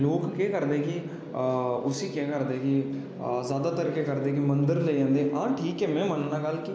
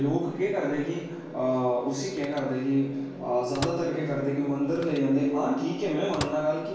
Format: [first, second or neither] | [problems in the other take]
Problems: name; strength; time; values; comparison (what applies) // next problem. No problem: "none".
first | background sound (Microwave oven); 15 dB below the speech // room echo; dies away in 0.3 s